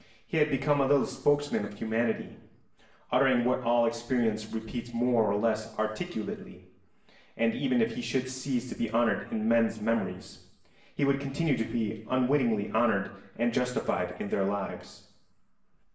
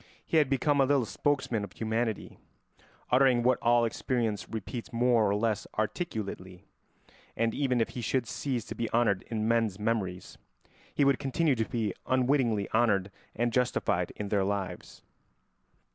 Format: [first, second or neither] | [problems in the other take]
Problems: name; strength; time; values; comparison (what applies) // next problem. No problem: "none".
second | room echo; dies away in 0.7 s